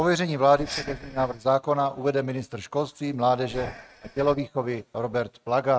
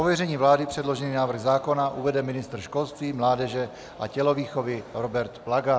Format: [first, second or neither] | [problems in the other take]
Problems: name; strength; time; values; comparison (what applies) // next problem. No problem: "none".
second | noise reduction (neural mask model RNNoise)